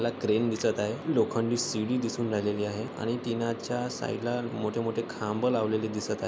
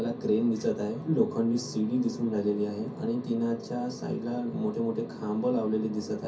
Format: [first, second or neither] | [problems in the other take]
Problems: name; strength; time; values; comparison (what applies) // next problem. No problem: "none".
first | room echo; dies away in 0.3 s